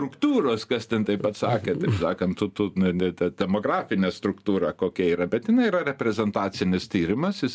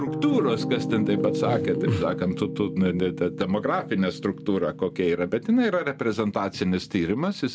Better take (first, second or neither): first